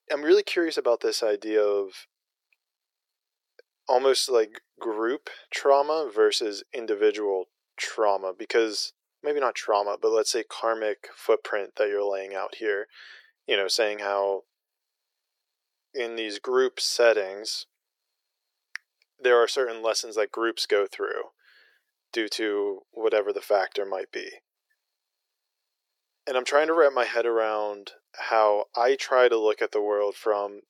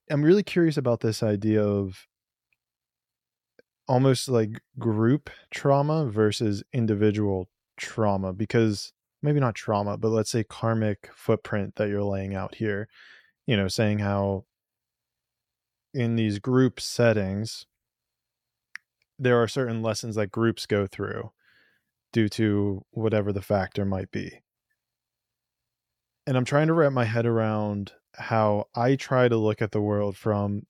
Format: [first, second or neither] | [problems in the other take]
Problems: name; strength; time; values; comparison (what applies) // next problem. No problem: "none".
second | thin; very; fading below 400 Hz